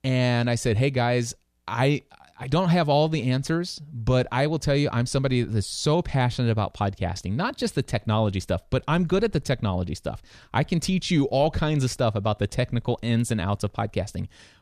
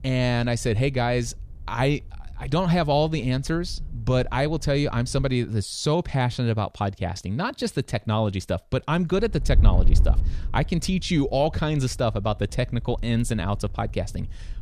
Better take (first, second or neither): first